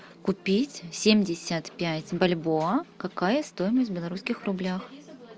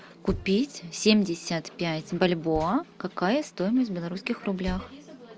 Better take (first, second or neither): first